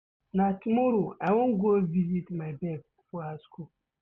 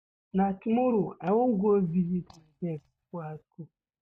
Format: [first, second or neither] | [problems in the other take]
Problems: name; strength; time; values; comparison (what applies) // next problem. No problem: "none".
first | noise reduction (neural mask model DeepFilterNet 3)